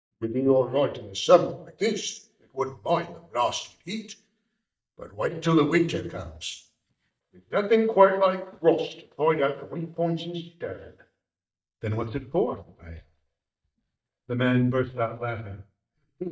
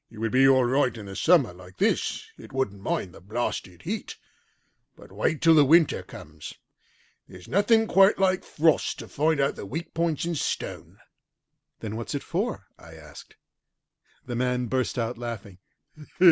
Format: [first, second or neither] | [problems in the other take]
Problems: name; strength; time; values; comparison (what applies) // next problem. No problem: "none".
second | noise reduction (neural mask model DeepFilterNet 3)